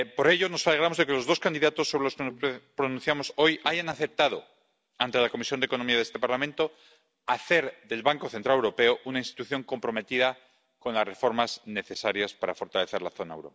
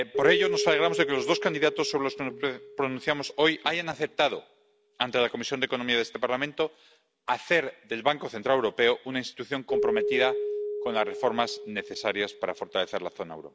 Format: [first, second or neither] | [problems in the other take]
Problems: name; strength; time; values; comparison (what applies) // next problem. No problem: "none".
first | background sound (Keyboard (musical)); 6 dB below the speech